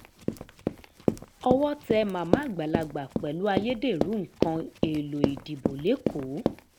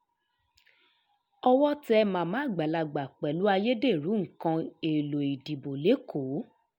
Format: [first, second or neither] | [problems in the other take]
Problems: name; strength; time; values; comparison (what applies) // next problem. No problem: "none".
second | background sound (Run); 1 dB below the speech